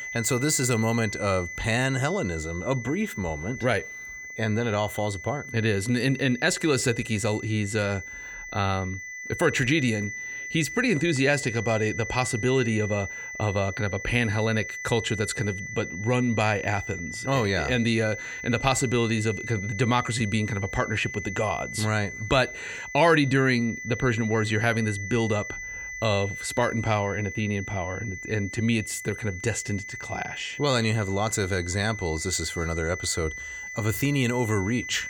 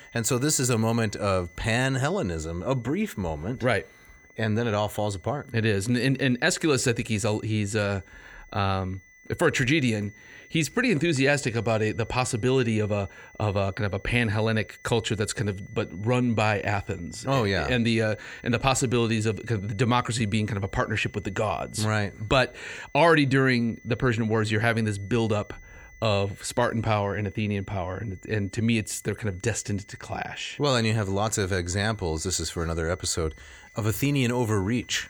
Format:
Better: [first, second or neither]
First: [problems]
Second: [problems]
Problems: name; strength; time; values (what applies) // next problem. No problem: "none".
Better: second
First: high-pitched whine; loud; throughout; 2 kHz, 9 dB below the speech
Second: high-pitched whine; faint; throughout; 2 kHz, 25 dB below the speech